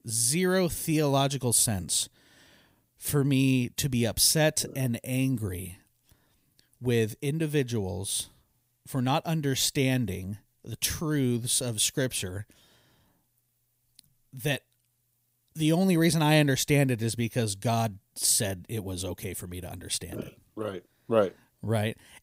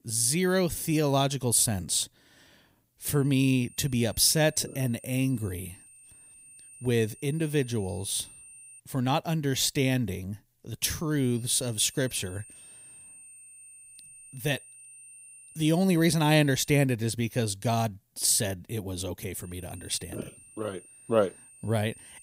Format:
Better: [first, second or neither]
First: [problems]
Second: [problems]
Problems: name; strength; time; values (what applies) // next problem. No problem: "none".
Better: first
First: none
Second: high-pitched whine; faint; from 3 to 9 s, from 11 to 17 s and from 19 s on; 8.5 kHz, 20 dB below the speech